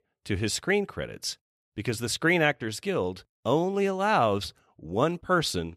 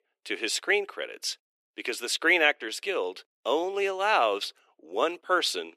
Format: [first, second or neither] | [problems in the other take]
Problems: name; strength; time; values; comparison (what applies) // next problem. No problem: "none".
first | thin; very; fading below 350 Hz